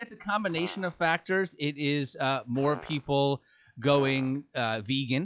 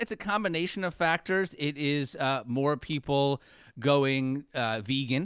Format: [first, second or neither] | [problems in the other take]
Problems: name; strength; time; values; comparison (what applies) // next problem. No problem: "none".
second | noise reduction (classical method log-MMSE)